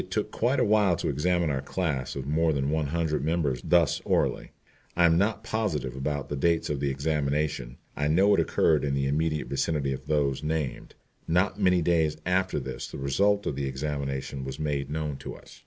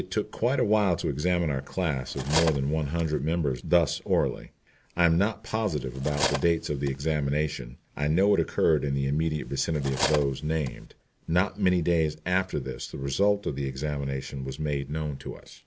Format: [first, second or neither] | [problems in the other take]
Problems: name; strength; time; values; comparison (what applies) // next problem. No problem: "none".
first | background sound (Cutlery, silverware); 8 dB below the speech